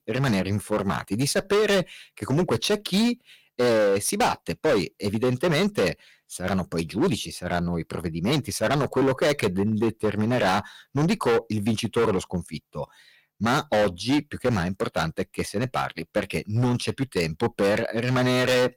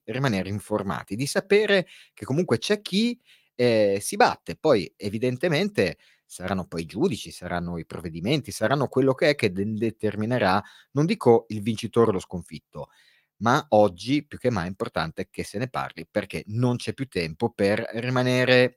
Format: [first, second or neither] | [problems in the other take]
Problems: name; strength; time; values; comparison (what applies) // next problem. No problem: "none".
second | distortion; heavy; 12% of the sound clipped